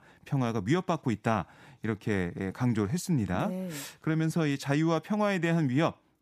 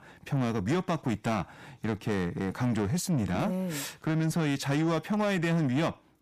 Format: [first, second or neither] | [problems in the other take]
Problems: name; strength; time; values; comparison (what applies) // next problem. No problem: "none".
first | distortion; slight; 10 dB below the speech